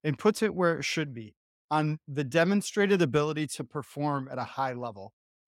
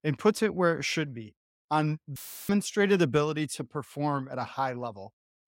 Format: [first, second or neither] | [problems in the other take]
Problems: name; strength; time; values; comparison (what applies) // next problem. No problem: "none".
first | audio cutting out; filled with static; at 2 s